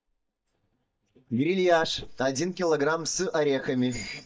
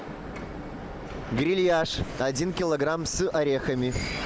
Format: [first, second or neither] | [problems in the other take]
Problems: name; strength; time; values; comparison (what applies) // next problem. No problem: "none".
second | noise reduction (neural mask model DeepFilterNet 3)